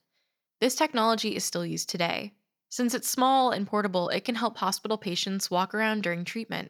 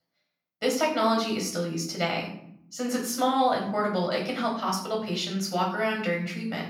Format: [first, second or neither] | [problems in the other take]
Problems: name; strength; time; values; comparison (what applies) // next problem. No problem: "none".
first | room echo; noticeable; dies away in 0.6 s // off-mic speech; far